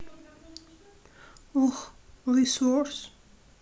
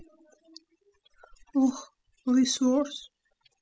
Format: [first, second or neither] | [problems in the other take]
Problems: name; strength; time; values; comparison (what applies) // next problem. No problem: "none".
first | noise reduction (classical method spectral subtraction)